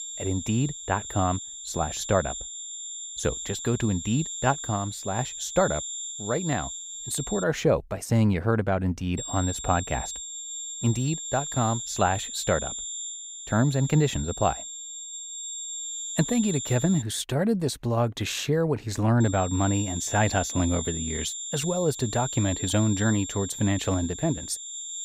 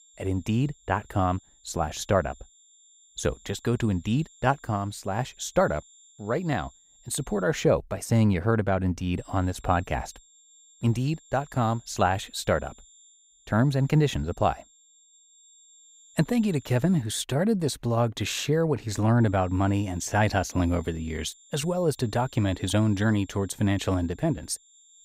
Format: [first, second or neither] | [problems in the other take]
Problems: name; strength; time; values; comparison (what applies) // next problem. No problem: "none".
second | high-pitched whine; loud; until 7.5 s, from 9 to 17 s and from 19 s on; 7.5 kHz, 7 dB below the speech; faint in the second